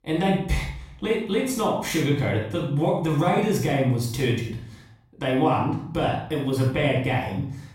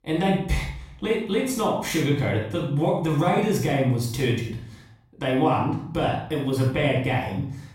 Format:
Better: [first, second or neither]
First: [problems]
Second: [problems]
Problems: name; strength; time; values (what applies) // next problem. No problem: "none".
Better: neither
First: off-mic speech; far // room echo; noticeable; dies away in 0.5 s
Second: off-mic speech; far // room echo; noticeable; dies away in 0.5 s